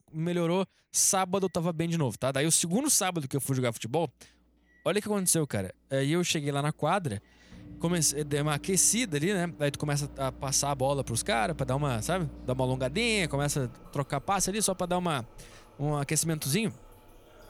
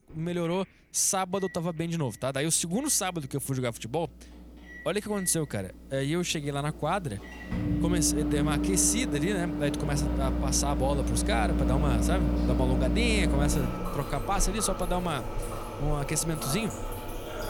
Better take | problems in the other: first | household noises; loud; throughout; 1 dB below the speech; faint in the first

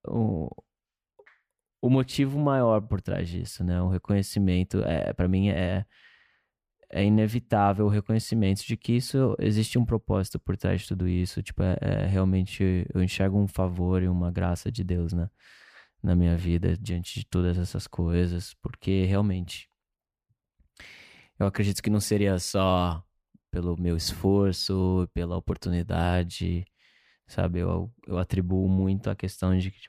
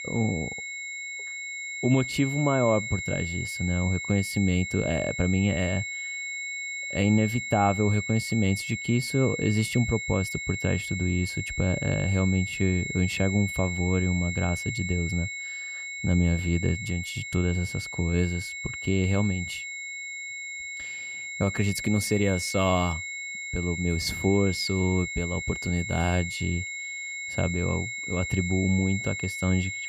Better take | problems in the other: first | high-pitched whine; loud; throughout; 2 kHz, 5 dB below the speech

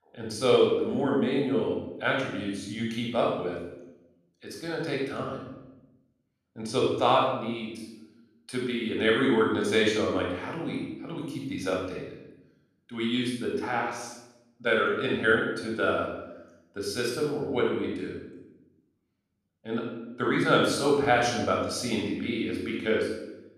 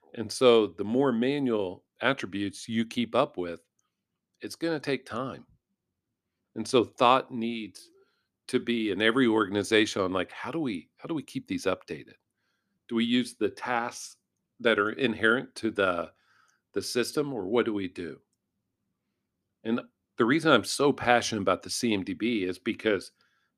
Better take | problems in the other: second | off-mic speech; far // room echo; noticeable; dies away in 0.8 s

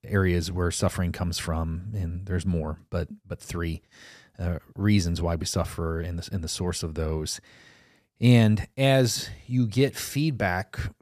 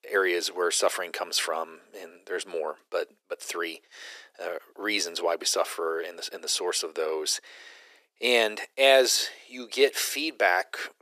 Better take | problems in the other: first | thin; very; fading below 350 Hz

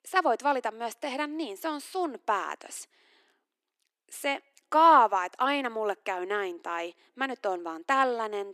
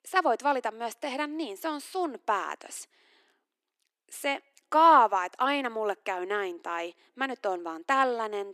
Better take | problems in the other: neither | thin; very slightly; fading below 250 Hz; the same in both

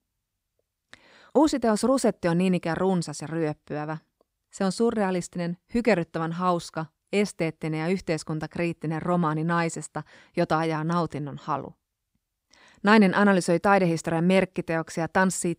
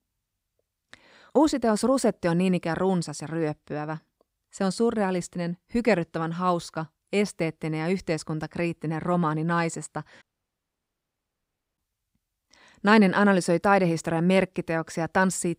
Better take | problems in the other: first | audio cutting out; at 10 s for 1.5 s

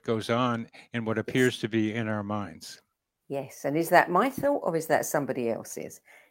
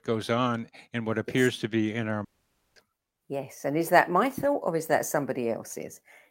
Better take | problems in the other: first | audio cutting out; at 2.5 s for 0.5 s

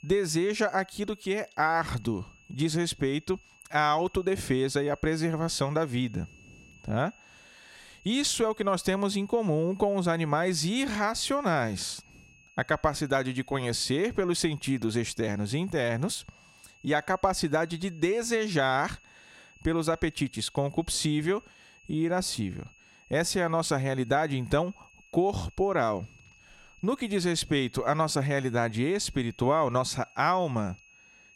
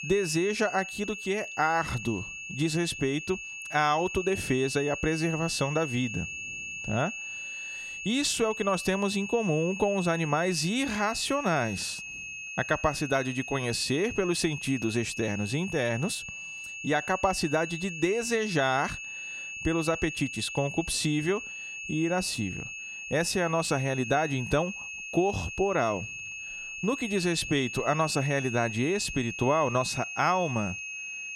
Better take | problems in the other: first | high-pitched whine; loud; throughout; 2.5 kHz, 7 dB below the speech; faint in the first

